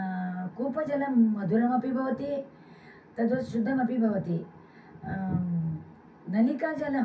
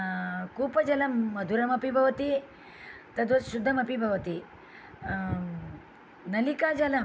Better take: second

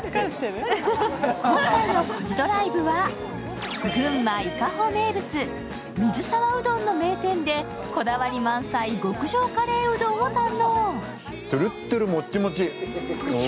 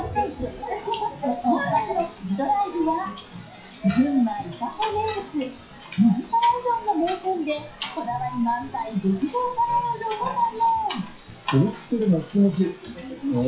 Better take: first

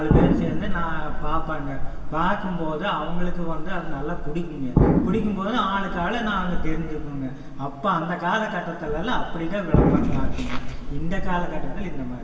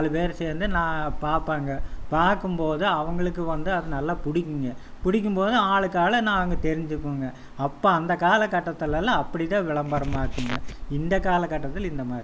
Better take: second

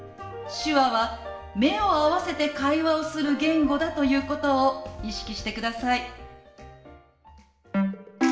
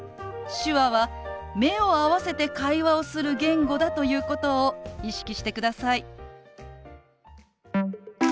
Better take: second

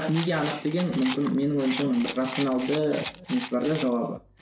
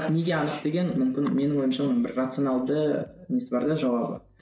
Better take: second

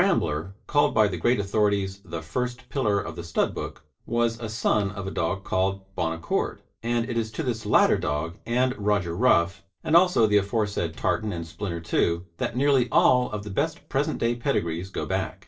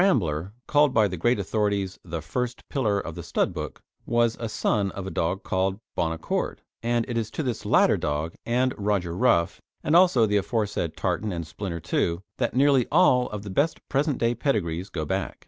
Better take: second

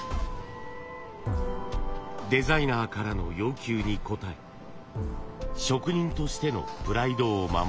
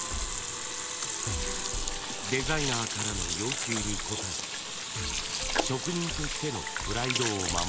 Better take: first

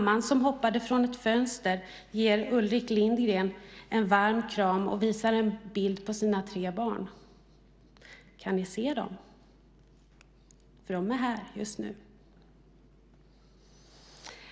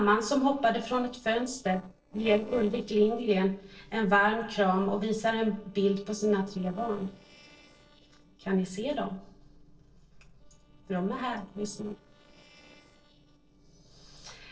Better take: first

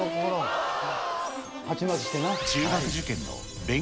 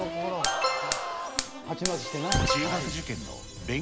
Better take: first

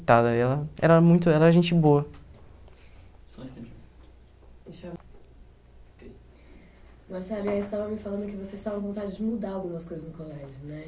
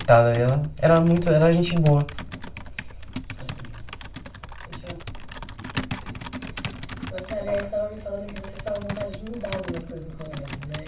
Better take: first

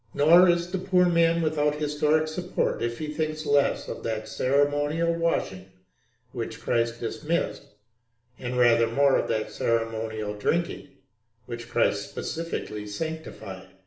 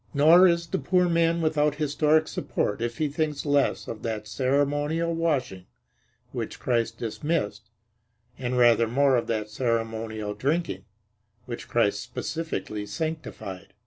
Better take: second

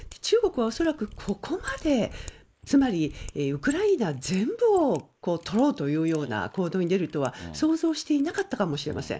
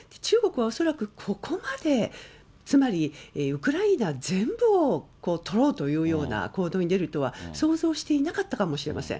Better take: second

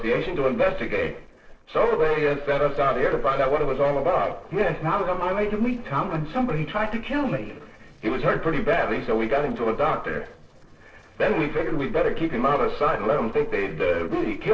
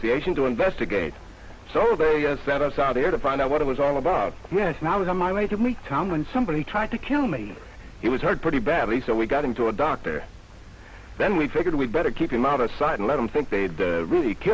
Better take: second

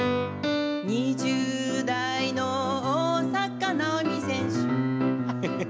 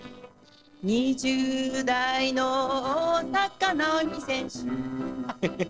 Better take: first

